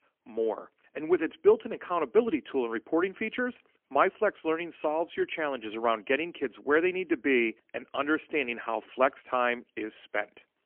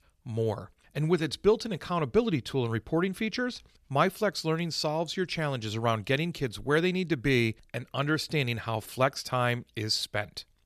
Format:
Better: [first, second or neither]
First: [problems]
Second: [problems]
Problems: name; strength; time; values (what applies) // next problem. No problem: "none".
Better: second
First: phone-call audio; poor line; nothing above 3 kHz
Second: none